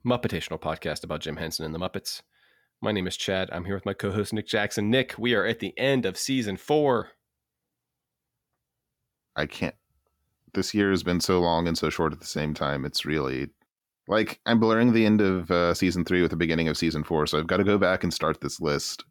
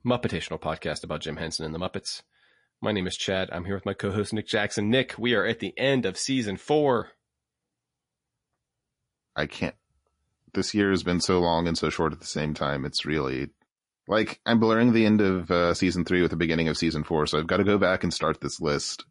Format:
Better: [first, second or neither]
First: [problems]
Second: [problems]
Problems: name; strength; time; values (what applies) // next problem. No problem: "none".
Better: first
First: none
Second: garbled, watery; slightly; nothing above 10.5 kHz